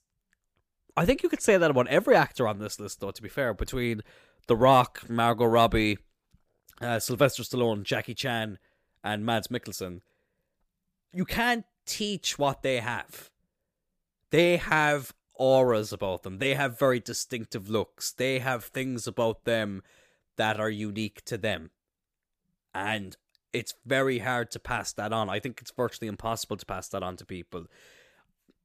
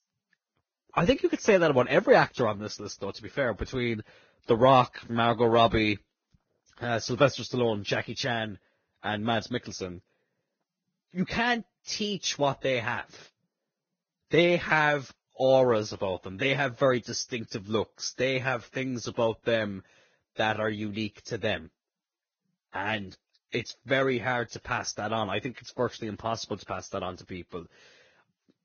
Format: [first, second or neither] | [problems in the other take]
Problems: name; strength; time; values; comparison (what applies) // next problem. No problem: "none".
first | garbled, watery; badly; nothing above 6.5 kHz